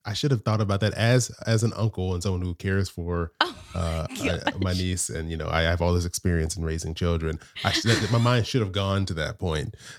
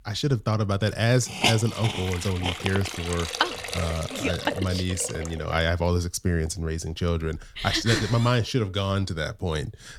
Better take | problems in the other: first | hiss; loud; throughout; 5 dB below the speech

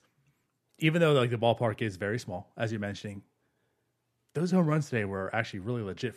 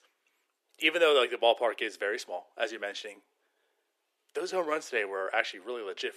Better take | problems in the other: first | thin; very; fading below 400 Hz

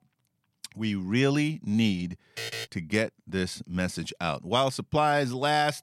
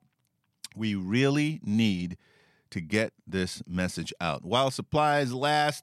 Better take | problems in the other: second | alarm; noticeable; at 2.5 s; peak 6 dB below the speech

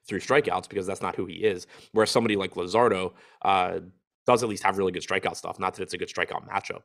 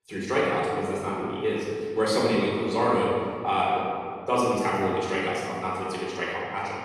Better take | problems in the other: first | room echo; strong; dies away in 2.1 s // off-mic speech; far

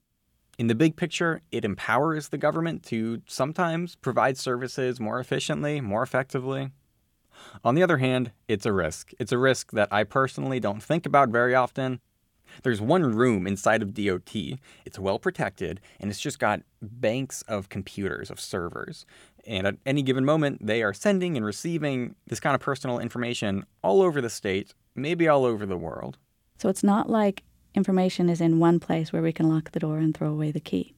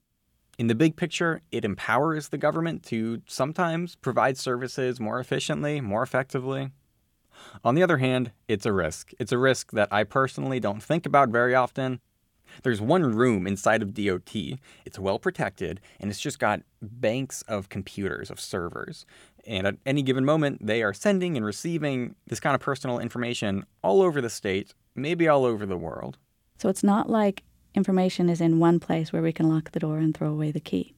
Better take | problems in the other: neither | none

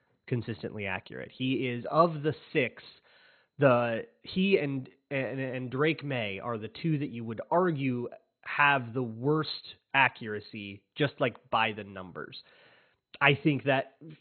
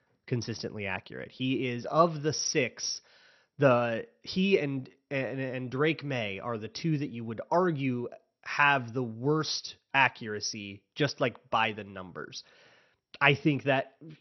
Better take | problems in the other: second | garbled, watery; badly; nothing above 4 kHz; slightly in the second

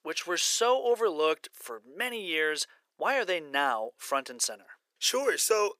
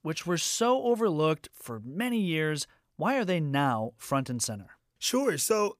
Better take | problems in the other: second | thin; very; fading below 400 Hz

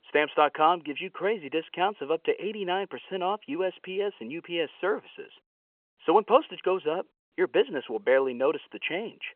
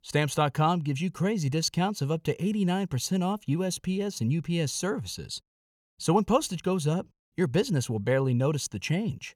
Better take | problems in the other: second | phone-call audio; nothing above 3 kHz

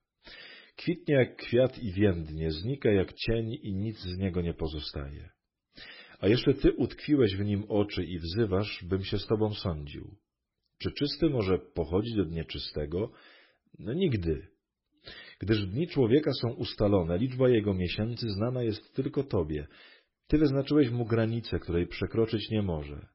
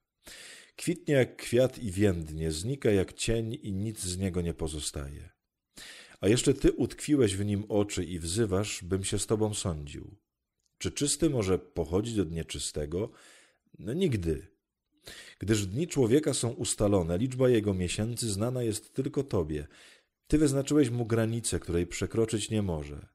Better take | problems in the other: second | garbled, watery; badly; nothing above 5.5 kHz

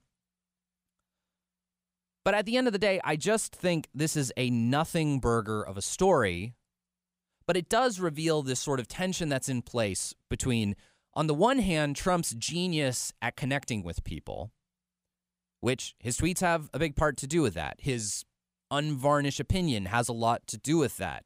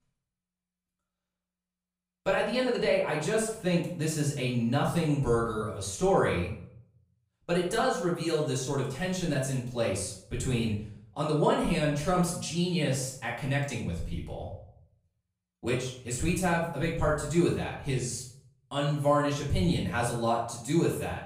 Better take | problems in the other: first | room echo; noticeable; dies away in 0.5 s // off-mic speech; far

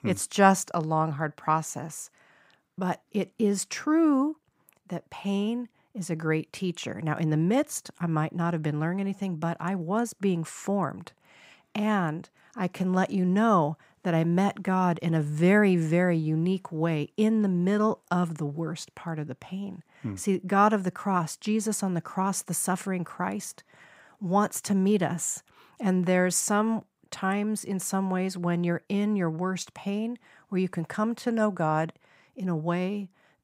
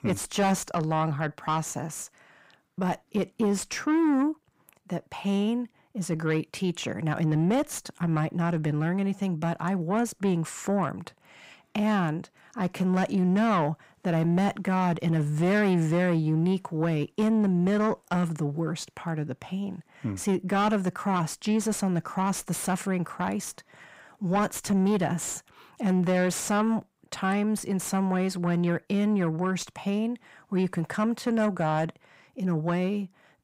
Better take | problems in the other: first | distortion; slight; 10 dB below the speech

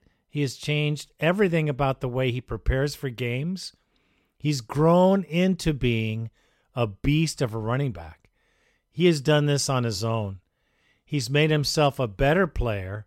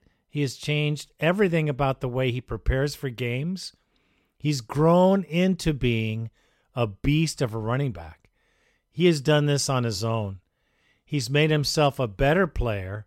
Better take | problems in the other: neither | none

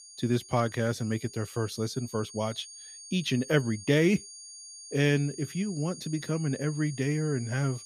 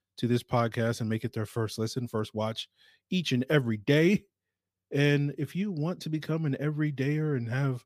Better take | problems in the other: second | high-pitched whine; noticeable; throughout; 6.5 kHz, 15 dB below the speech

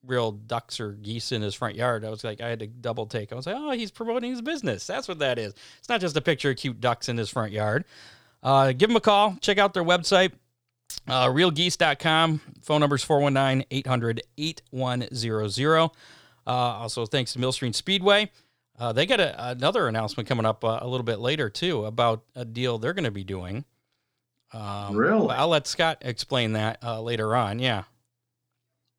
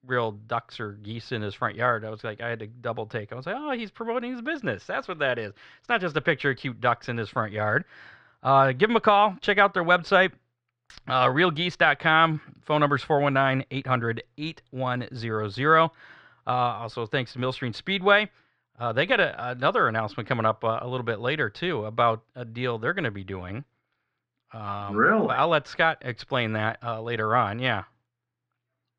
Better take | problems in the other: first | muffled; slightly; fading above 2.5 kHz

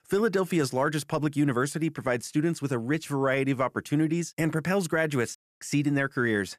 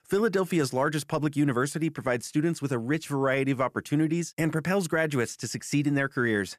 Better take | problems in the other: second | audio cutting out; at 5.5 s

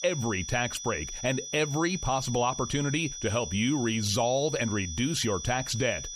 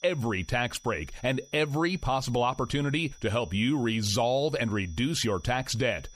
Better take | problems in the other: second | high-pitched whine; loud; throughout; 6 kHz, 8 dB below the speech; faint in the second

